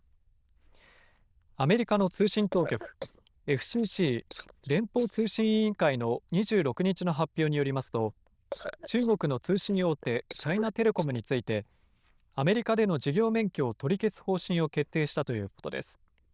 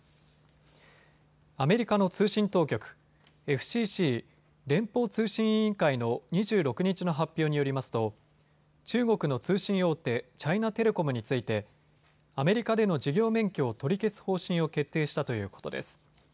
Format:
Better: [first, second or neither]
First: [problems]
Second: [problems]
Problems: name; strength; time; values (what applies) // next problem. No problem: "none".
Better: second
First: noise reduction (neural diffusion model UNIVERSE++)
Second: none